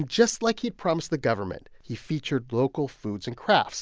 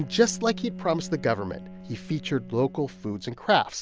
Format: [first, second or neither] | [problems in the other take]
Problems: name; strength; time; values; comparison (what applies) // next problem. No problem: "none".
first | background sound (Bowed string instrument); 14 dB below the speech